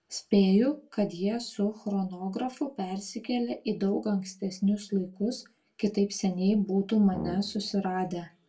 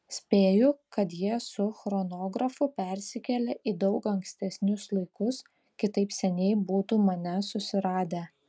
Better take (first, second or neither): second